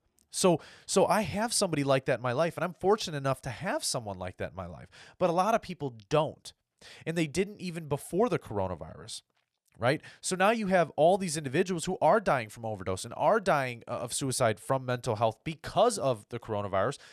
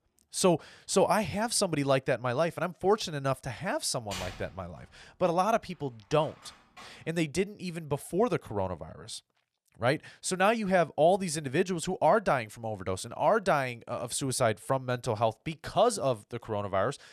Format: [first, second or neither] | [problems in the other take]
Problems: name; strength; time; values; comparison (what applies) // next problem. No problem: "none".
first | door banging; noticeable; from 4 to 7 s; peak 10 dB below the speech